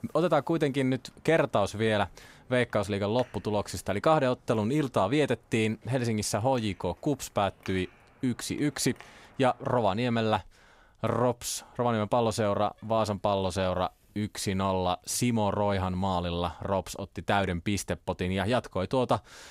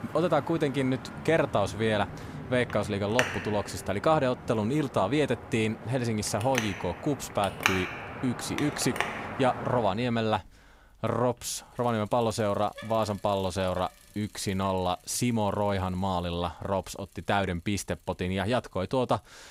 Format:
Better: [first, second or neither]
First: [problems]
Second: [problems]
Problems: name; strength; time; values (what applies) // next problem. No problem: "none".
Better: first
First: traffic noise; faint; throughout; 30 dB below the speech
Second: traffic noise; loud; throughout; 7 dB below the speech